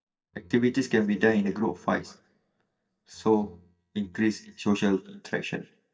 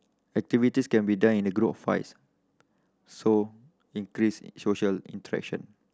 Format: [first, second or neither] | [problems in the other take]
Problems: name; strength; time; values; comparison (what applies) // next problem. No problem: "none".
second | noise reduction (neural mask model DeepFilterNet 3)